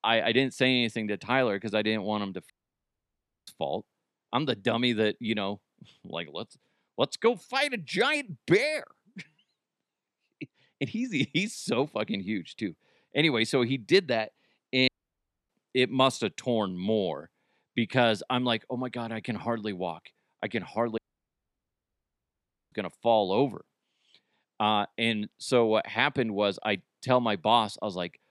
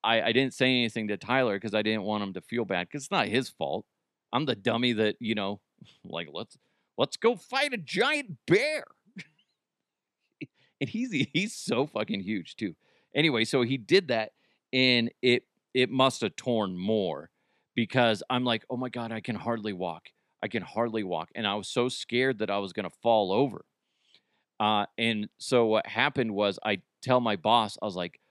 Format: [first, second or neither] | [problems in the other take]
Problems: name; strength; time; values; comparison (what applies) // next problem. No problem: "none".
second | audio cutting out; at 2.5 s for 1 s, at 15 s for 0.5 s and at 21 s for 1.5 s